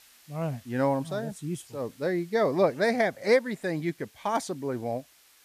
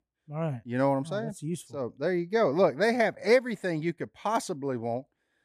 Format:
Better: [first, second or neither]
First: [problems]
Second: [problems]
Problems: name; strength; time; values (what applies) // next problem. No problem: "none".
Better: second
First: hiss; faint; throughout; 25 dB below the speech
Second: none